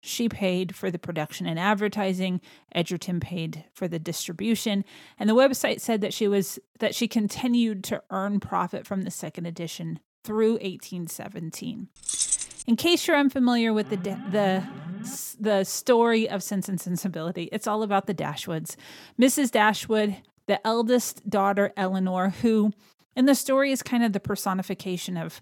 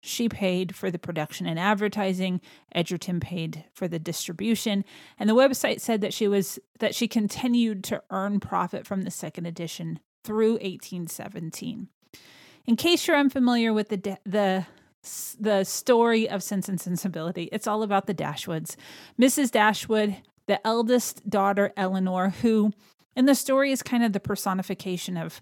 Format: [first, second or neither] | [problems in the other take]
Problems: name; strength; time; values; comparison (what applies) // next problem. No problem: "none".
second | jangling keys; loud; at 12 s; peak 2 dB above the speech // alarm; faint; from 14 to 15 s; peak 10 dB below the speech